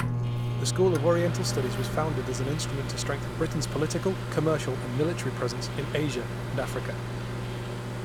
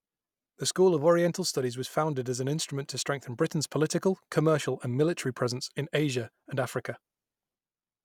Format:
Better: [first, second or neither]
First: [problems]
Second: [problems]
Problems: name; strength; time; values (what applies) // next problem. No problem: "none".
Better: second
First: background sound (Microwave oven); 1 dB below the speech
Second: none